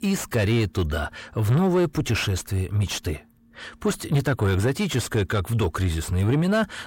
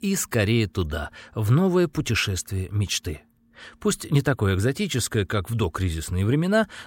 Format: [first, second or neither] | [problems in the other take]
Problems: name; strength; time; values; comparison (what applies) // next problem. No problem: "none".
second | distortion; slight; 10 dB below the speech